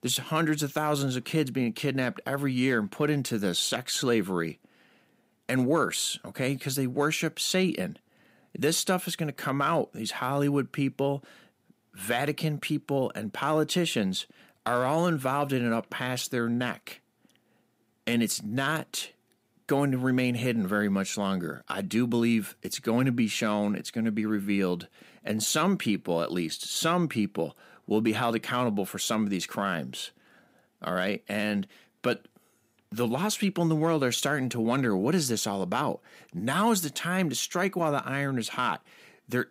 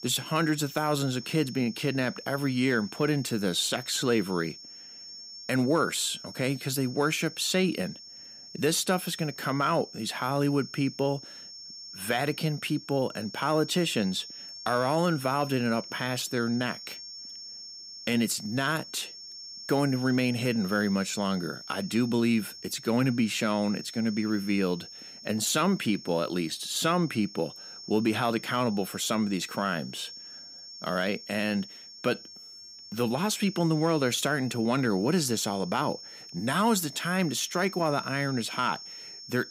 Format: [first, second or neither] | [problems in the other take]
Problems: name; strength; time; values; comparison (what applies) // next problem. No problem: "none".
first | high-pitched whine; noticeable; throughout; 5.5 kHz, 15 dB below the speech